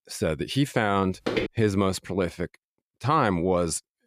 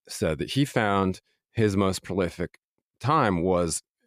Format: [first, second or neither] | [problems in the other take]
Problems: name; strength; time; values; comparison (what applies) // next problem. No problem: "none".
second | footsteps; noticeable; at 1.5 s; peak 3 dB below the speech